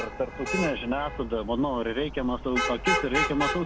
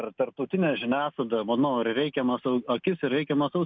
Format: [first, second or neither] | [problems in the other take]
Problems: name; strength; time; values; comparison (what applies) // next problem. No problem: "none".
second | background sound (Traffic noise, roadway noise / Vehicle horn, car horn, honking); 3 dB below the speech